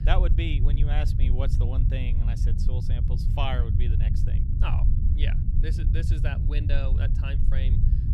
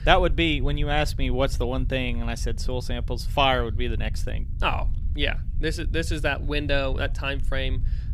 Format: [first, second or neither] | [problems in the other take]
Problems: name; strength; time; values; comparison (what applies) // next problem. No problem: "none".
second | low rumble; loud; throughout; 4 dB below the speech; faint in the second